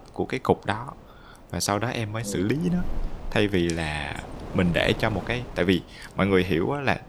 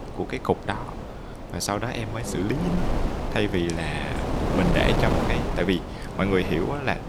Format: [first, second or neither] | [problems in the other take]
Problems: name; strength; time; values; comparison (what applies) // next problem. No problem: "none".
first | wind noise on the microphone; heavy; 4 dB below the speech; occasional gusts in the first